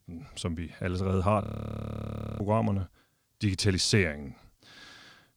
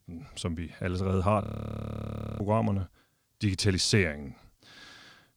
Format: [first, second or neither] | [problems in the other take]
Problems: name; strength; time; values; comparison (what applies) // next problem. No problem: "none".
neither | audio freezing; at 1.5 s for 1 s; the same in both